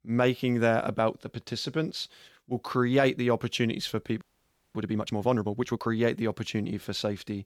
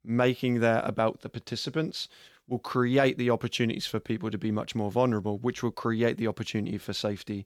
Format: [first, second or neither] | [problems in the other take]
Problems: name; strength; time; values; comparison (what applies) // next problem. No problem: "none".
second | audio freezing; at 4 s for 0.5 s